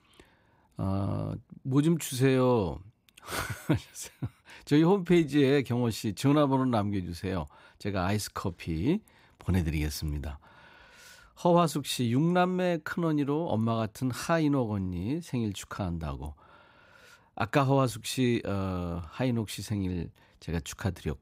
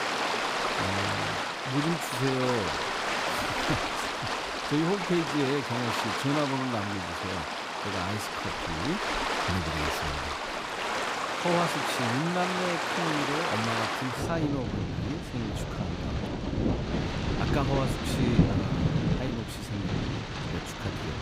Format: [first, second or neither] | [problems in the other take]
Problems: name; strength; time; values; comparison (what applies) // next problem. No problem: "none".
first | rain or running water; very loud; throughout; 3 dB above the speech